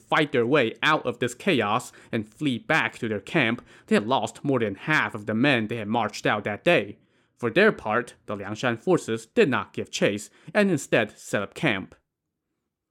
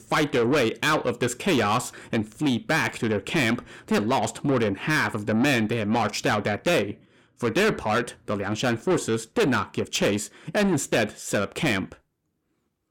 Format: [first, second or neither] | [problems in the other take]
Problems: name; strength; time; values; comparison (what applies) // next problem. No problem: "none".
first | distortion; heavy; 7 dB below the speech